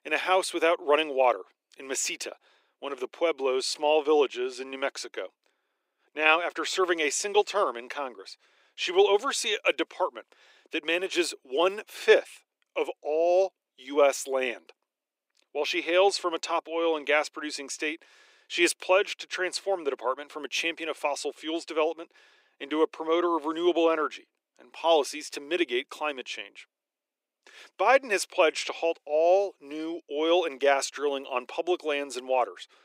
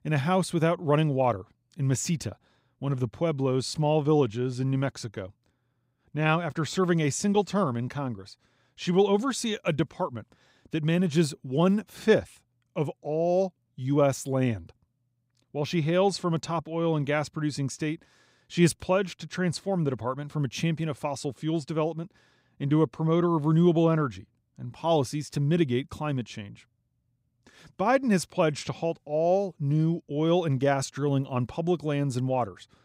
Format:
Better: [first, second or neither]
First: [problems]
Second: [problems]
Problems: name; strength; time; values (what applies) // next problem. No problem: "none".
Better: second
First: thin; very; fading below 350 Hz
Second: none